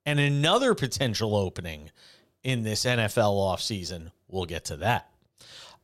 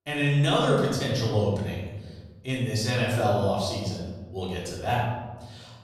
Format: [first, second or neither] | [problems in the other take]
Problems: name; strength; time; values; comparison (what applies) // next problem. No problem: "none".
first | off-mic speech; far // room echo; noticeable; dies away in 1.3 s